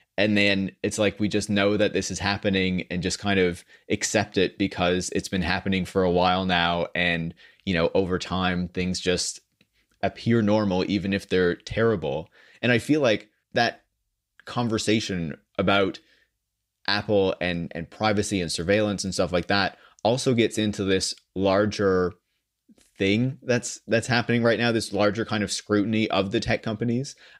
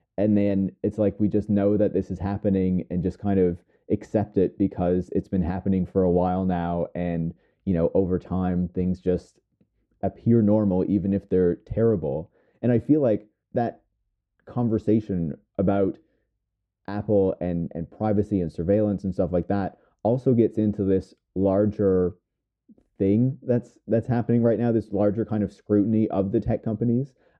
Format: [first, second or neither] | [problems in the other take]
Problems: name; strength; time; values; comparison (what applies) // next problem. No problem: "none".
first | muffled; very; fading above 1.5 kHz